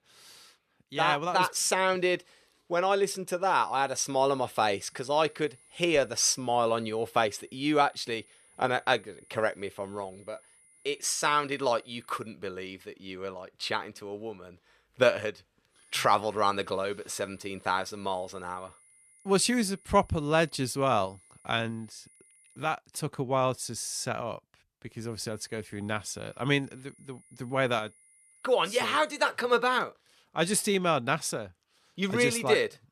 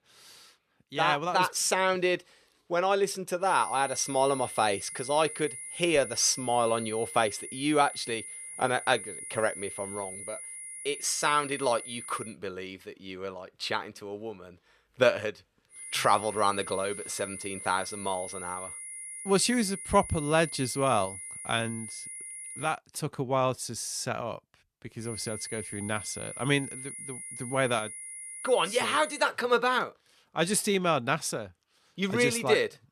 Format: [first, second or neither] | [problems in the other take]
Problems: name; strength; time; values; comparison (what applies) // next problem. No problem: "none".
first | high-pitched whine; loud; from 3.5 to 12 s, from 16 to 23 s and from 25 to 29 s; 10.5 kHz, 10 dB below the speech; faint in the first